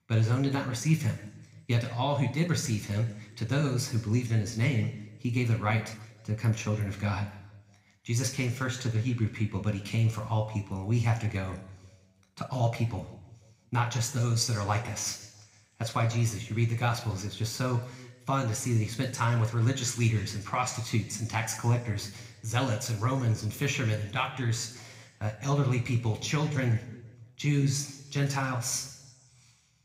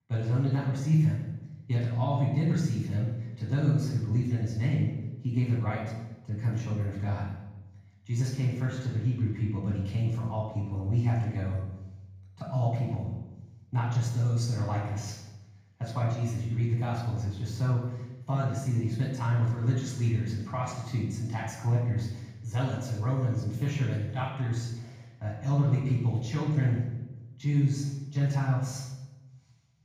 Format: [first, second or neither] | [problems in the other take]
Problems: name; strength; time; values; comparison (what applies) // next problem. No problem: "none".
first | room echo; strong; dies away in 1.3 s; slight in the first // off-mic speech; far